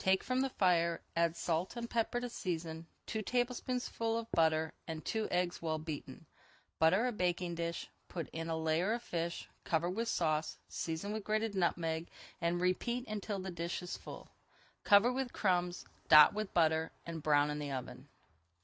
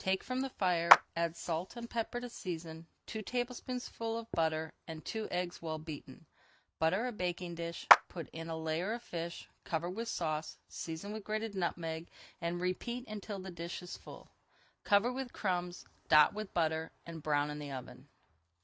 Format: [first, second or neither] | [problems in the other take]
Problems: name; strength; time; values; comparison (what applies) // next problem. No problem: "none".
first | background sound (Clapping); 5 dB above the speech